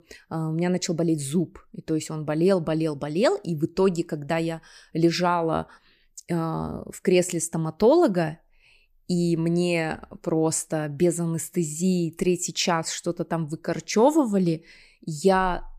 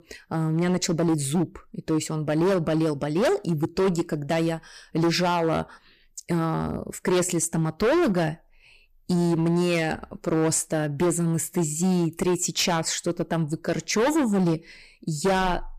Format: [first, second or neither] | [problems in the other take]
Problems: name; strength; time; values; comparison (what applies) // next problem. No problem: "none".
first | distortion; heavy; 13% of the sound clipped